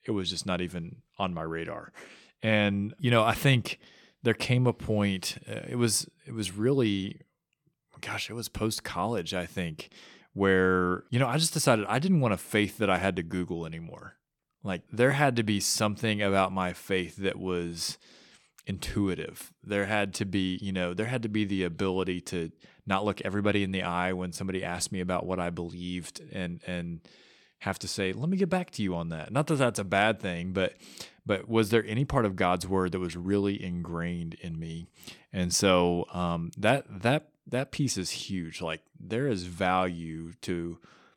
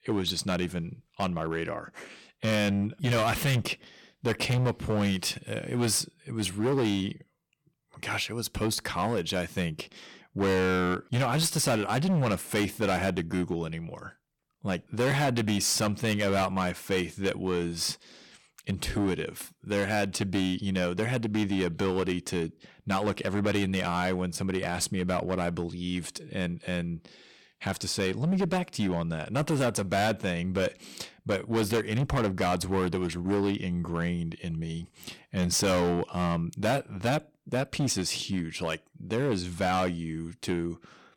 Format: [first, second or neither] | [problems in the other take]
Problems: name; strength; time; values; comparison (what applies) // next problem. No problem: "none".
first | distortion; heavy; 11% of the sound clipped